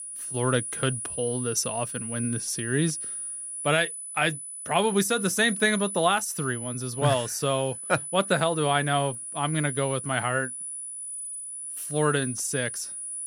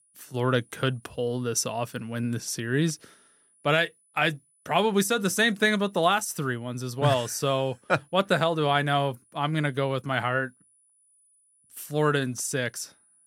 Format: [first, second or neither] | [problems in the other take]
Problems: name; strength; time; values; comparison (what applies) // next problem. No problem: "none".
second | high-pitched whine; loud; throughout; 10 kHz, 6 dB below the speech; faint in the second